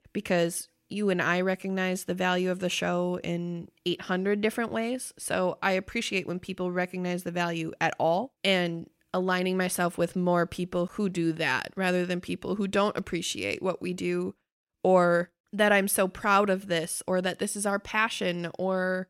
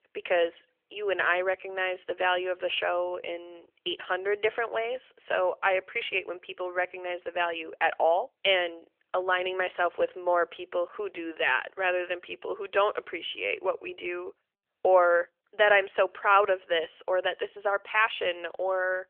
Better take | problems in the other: first | phone-call audio; nothing above 3 kHz

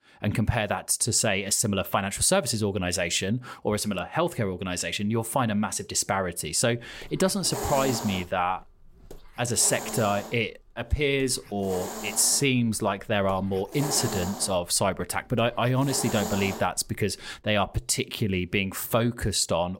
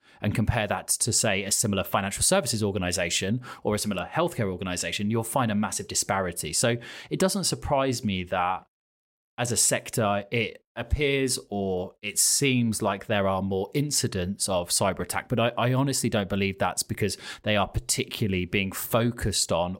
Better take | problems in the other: second | hiss; loud; from 7 to 17 s; 9 dB below the speech

